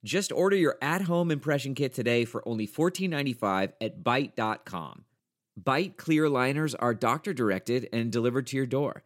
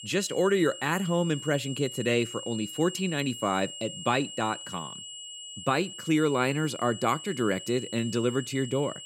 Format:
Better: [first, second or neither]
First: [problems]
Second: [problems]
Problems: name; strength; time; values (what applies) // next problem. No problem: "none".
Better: first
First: none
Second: high-pitched whine; noticeable; throughout; 3 kHz, 10 dB below the speech